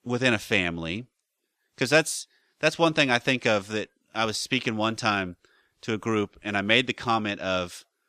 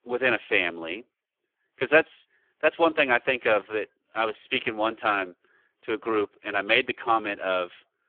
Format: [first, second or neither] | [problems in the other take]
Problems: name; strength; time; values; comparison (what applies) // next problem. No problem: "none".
first | phone-call audio; poor line